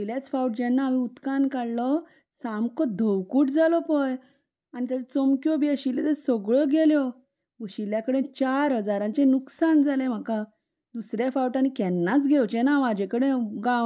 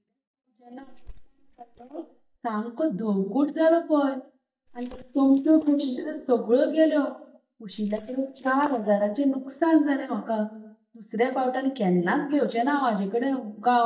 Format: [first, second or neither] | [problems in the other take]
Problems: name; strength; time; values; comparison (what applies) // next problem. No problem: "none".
first | noise reduction (neural mask model DeepFilterNet 3)